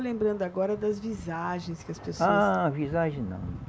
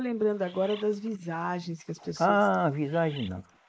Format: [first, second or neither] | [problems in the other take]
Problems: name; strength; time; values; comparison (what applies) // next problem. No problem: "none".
first | noise reduction (neural mask model Resemble Enhance denoiser)